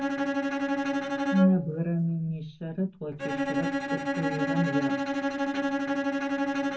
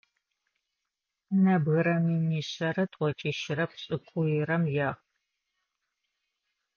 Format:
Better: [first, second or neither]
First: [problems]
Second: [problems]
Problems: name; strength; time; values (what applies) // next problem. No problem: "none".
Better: second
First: background sound (Bowed string instrument); 2 dB above the speech // room echo; dies away in 0.4 s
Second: none